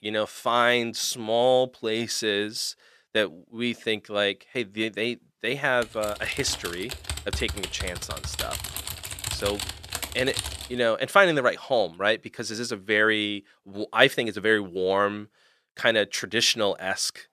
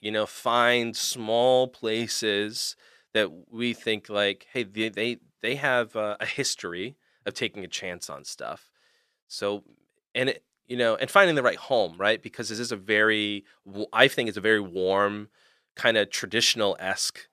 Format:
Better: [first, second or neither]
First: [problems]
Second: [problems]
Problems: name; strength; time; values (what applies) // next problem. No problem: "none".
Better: second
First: keyboard typing; noticeable; from 6 to 11 s; peak 5 dB below the speech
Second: none